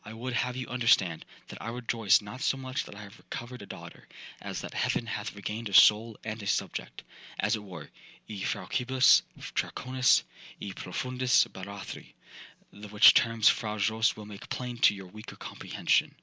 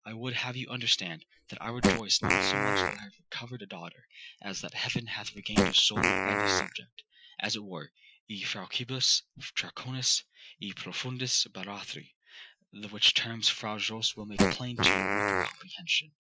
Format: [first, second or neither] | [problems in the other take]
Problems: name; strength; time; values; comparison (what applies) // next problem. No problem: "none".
first | noise reduction (classical method Wiener filter)